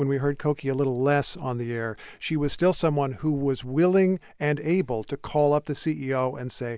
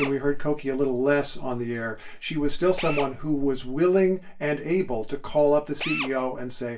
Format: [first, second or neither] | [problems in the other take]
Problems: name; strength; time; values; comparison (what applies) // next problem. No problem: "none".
first | background sound (Drill); 16 dB below the speech // room echo; dies away in 0.2 s